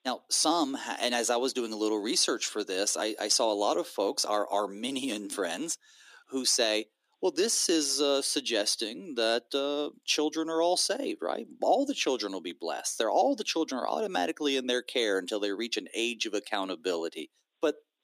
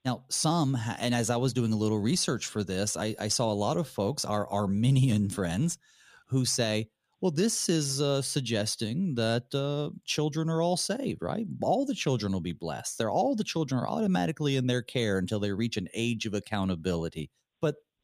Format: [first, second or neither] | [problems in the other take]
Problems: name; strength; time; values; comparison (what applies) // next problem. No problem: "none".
second | thin; somewhat; fading below 300 Hz